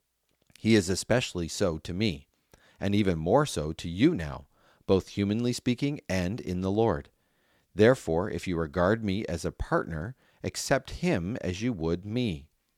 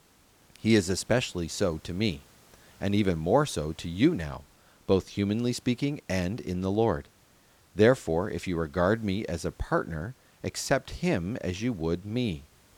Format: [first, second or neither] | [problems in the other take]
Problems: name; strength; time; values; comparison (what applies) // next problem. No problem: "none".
first | hiss; faint; throughout; 30 dB below the speech